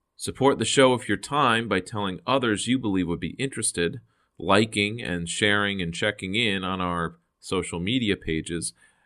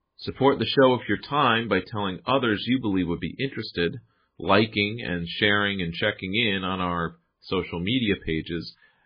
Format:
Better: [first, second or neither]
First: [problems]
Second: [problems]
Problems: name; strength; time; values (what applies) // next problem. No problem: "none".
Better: first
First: none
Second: garbled, watery; badly